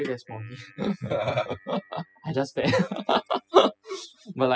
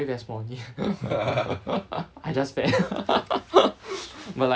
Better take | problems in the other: second | noise reduction (classical method spectral subtraction)

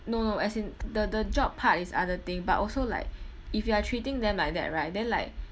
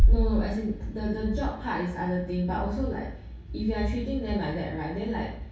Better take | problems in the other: first | background sound (Bass drum); as loud as the speech // room echo; dies away in 0.6 s

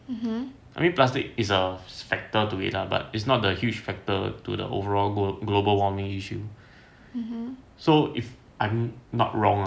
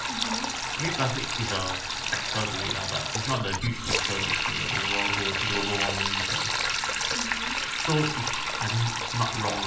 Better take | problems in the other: first | background sound (Sink (filling or washing)); 3 dB above the speech // room echo; dies away in 0.4 s

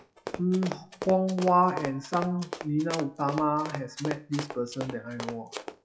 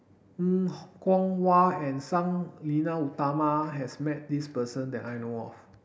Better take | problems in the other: second | noise reduction (classical method log-MMSE)

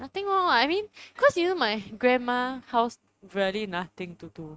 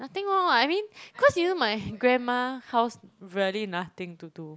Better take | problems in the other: second | noise reduction (neural mask model RNNoise)

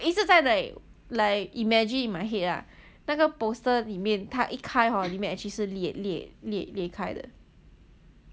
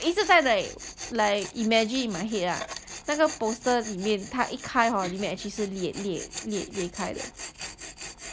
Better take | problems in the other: first | background sound (Tools); 13 dB below the speech

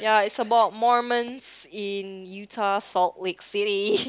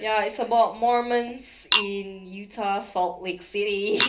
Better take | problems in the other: first | background sound (Chink, clink); 7 dB below the speech // room echo; dies away in 0.3 s

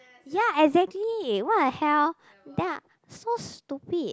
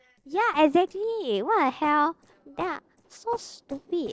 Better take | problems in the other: first | noise reduction (neural separator model SepFormer DNS4)

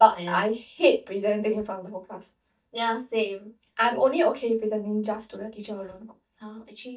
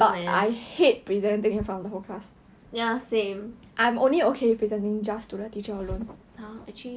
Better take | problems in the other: second | noise reduction (neural mask model DeepFilterNet 3)

